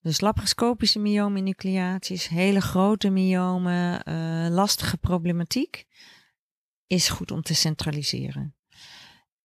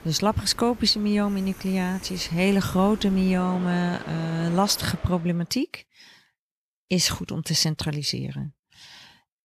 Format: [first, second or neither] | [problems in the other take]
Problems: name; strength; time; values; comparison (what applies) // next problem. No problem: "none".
first | train or aircraft noise; noticeable; until 5 s; 15 dB below the speech